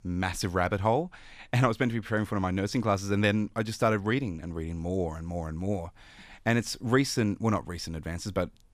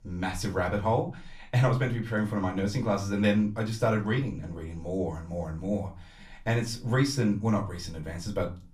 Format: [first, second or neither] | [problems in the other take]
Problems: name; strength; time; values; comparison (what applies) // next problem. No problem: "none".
first | off-mic speech; far // room echo; very slight; dies away in 0.3 s